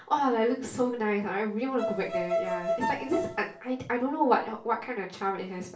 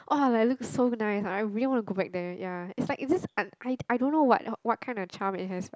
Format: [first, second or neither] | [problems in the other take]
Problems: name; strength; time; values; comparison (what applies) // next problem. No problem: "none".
second | background sound (Bowed string instrument); 3 dB below the speech // room echo; dies away in 0.3 s